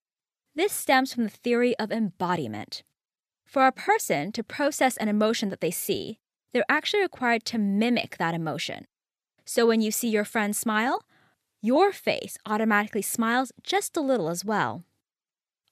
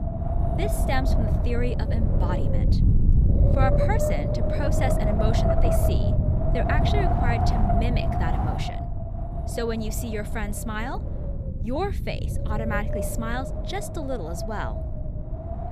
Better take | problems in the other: first | wind noise on the microphone; heavy; 1 dB above the speech

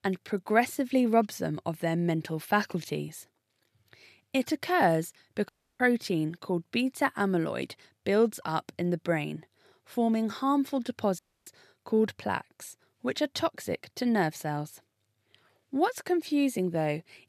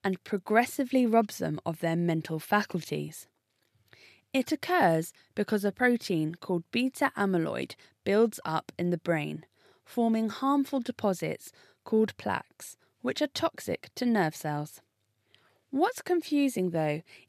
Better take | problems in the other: second | audio cutting out; at 5.5 s and at 11 s

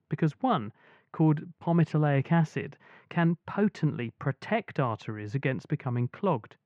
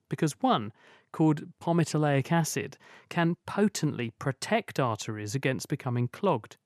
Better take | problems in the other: second | muffled; very; fading above 2 kHz

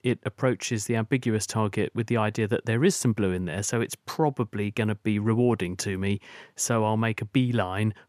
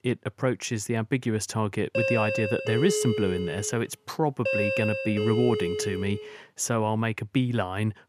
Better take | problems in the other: first | doorbell; loud; from 2 to 6.5 s; peak 2 dB above the speech

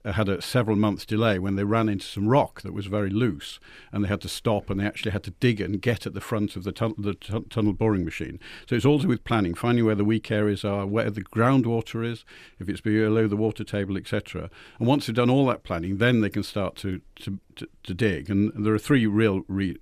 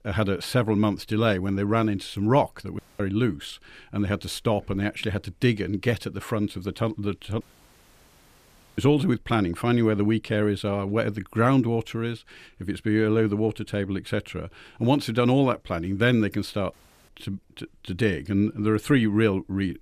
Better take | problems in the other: first | audio cutting out; at 3 s, at 7.5 s for 1.5 s and at 17 s

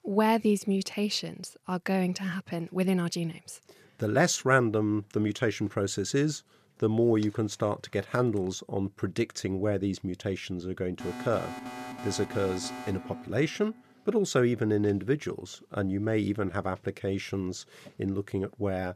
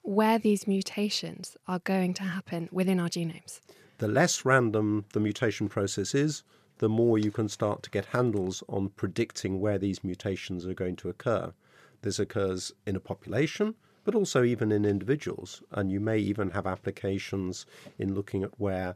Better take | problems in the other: second | alarm; noticeable; from 11 to 14 s; peak 10 dB below the speech

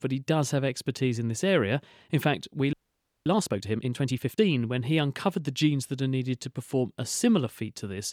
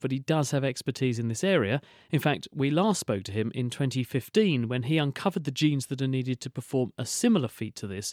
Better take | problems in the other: second | audio freezing; at 2.5 s for 0.5 s

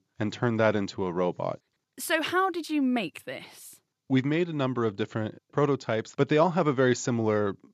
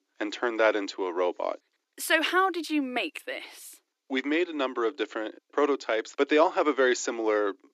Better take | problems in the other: first | thin; somewhat; fading below 300 Hz

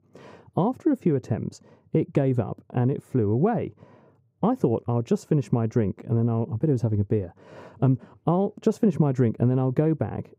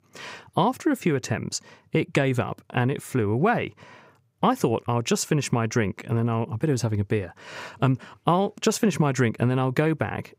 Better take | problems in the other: second | muffled; slightly; fading above 1 kHz

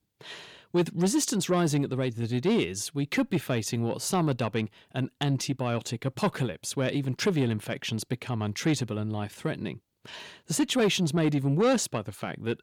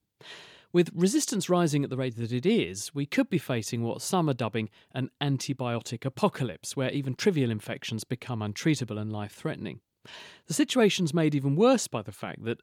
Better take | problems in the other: second | distortion; slight; 10 dB below the speech

